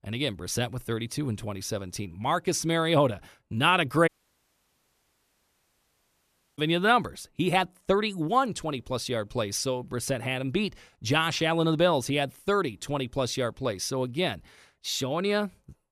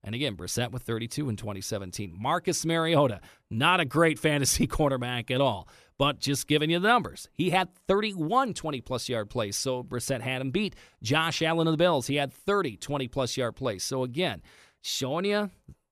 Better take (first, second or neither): second